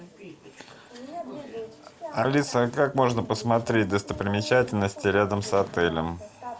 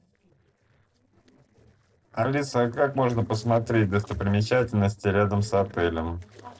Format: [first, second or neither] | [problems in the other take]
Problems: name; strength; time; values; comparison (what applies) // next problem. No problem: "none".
first | noise reduction (neural separator model SepFormer DNS4)